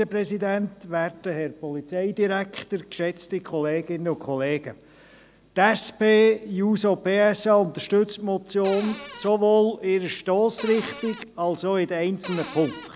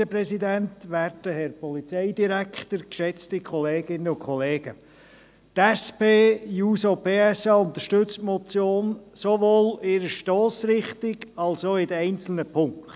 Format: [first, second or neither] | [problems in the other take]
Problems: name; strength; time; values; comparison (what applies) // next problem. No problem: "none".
second | background sound (Cupboard open or close); 14 dB below the speech